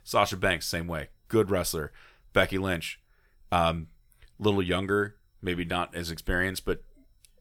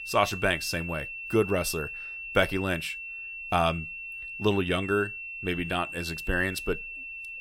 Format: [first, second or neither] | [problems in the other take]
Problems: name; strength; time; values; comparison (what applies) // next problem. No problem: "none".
first | high-pitched whine; loud; throughout; 2.5 kHz, 7 dB below the speech